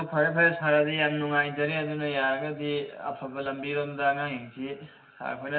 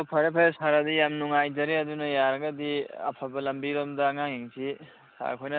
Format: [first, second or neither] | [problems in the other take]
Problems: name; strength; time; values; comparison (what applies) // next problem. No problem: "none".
second | room echo; dies away in 0.6 s